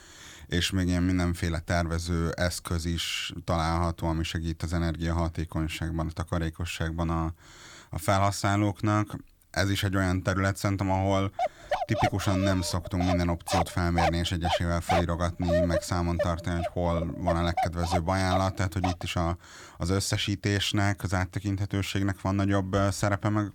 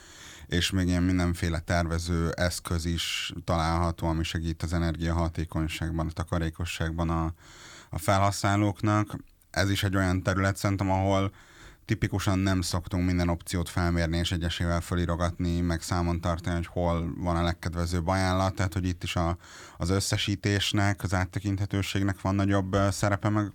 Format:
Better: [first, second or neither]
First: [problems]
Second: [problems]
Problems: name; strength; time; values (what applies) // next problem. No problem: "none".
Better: second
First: dog barking; loud; from 11 to 19 s; peak 1 dB above the speech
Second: none